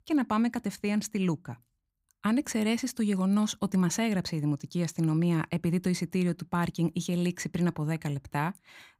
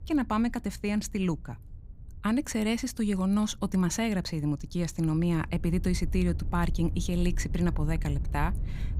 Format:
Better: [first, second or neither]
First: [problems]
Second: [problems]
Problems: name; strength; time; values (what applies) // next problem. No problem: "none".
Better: first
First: none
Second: wind noise on the microphone; occasional gusts; 20 dB below the speech